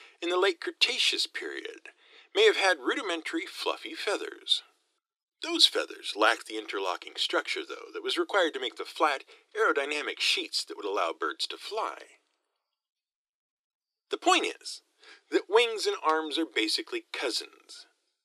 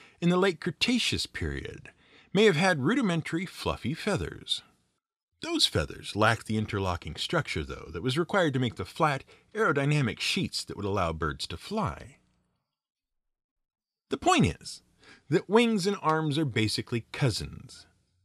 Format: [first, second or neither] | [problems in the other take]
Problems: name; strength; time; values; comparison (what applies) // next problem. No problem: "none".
second | thin; very; fading below 300 Hz